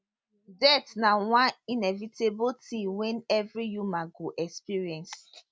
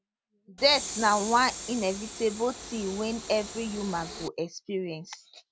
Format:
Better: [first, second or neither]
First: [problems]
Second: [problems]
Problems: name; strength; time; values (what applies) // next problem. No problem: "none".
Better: first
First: none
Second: background sound (Train); 10 dB below the speech